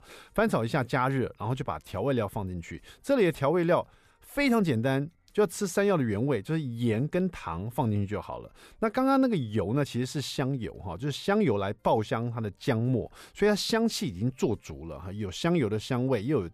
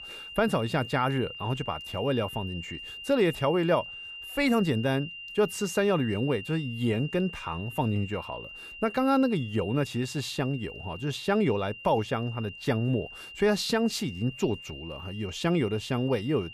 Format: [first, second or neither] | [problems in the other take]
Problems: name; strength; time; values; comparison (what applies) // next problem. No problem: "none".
first | high-pitched whine; noticeable; throughout; 3 kHz, 10 dB below the speech